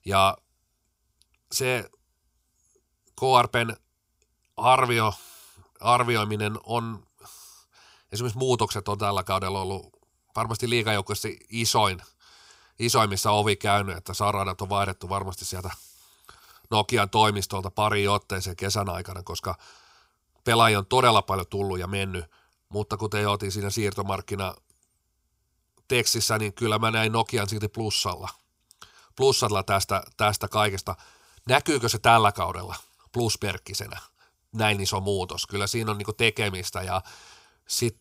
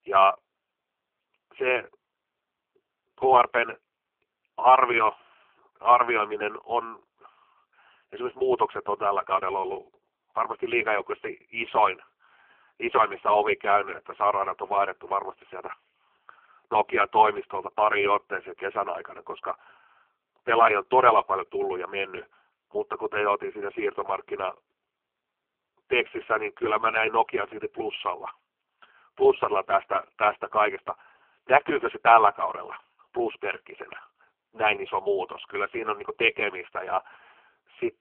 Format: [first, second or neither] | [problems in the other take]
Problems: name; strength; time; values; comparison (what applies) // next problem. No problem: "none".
first | phone-call audio; poor line